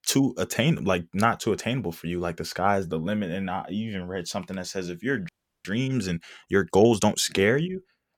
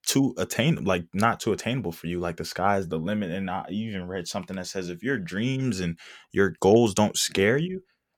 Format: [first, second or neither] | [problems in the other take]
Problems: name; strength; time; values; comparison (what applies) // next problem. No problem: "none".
second | audio freezing; at 5.5 s